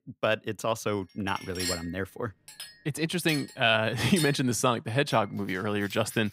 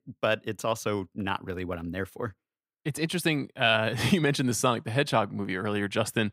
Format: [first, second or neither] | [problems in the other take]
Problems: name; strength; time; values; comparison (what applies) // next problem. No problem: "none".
second | household noises; loud; from 1.5 s on; 9 dB below the speech